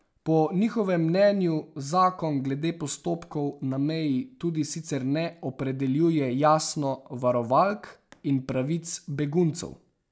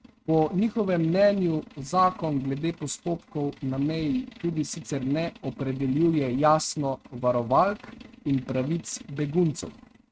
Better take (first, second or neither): first